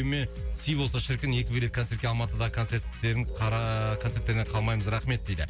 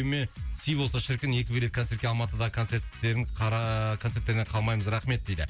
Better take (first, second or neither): second